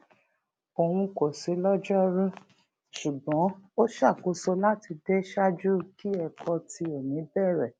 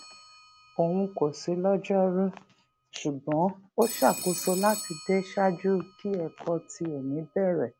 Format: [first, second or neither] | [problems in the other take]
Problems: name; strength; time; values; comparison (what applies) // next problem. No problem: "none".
first | background sound (Telephone); 15 dB below the speech